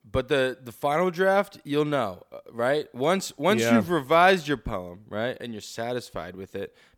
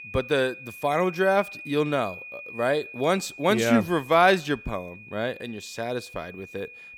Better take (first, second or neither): first